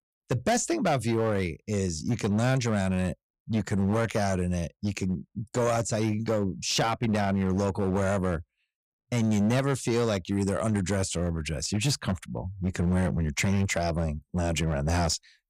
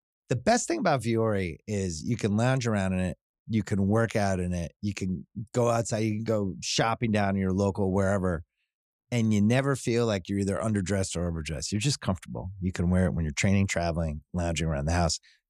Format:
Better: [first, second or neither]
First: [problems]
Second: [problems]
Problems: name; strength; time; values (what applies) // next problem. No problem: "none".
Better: second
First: distortion; slight; 10% of the sound clipped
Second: none